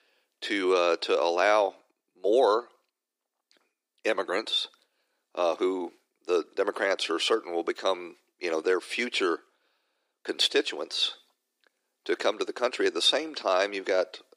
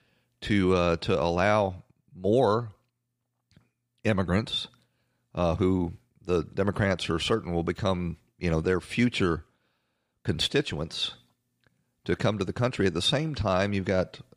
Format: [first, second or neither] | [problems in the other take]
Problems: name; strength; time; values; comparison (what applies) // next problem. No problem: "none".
second | thin; very; fading below 300 Hz